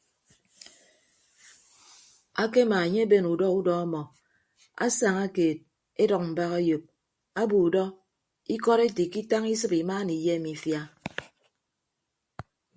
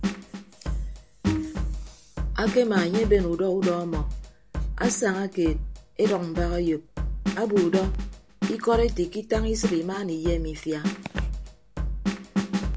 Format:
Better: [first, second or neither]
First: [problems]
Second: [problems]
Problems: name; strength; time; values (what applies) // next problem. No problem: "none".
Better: first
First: none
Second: background sound (Bowed string instrument + Drum kit); 2 dB below the speech